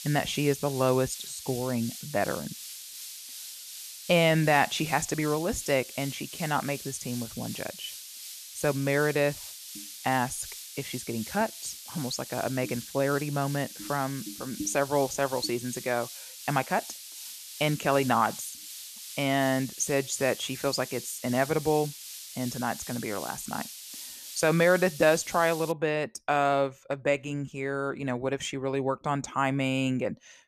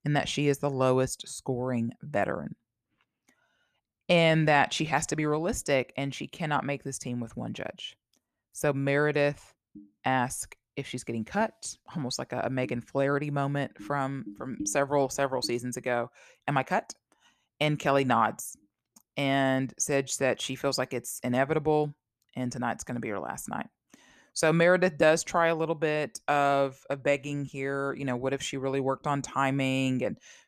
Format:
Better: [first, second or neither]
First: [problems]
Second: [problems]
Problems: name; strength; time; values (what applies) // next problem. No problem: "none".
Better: second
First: hiss; noticeable; until 26 s; 10 dB below the speech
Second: none